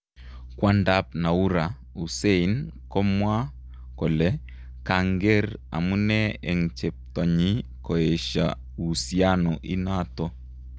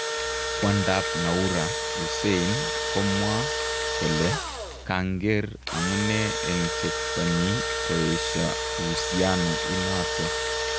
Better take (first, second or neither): first